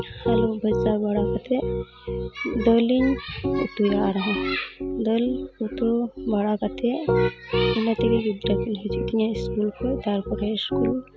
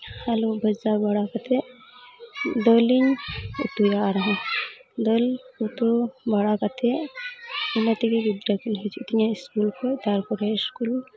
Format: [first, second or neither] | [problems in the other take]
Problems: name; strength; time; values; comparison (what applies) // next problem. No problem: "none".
second | background sound (Piano); 3 dB below the speech